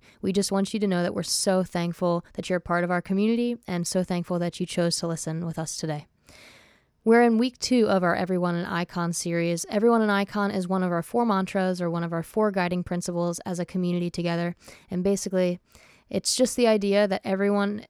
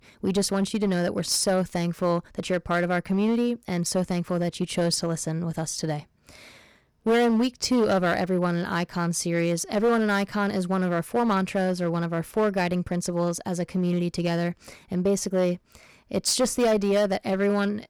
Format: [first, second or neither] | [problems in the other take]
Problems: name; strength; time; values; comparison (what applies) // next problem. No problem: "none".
first | distortion; slight; 7% of the sound clipped